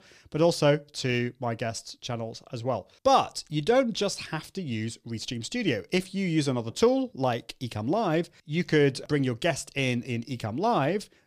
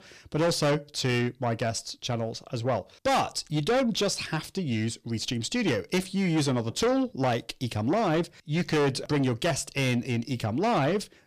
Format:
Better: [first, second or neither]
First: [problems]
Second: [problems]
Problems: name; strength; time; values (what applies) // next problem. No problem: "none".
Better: first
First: none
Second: distortion; heavy; 7 dB below the speech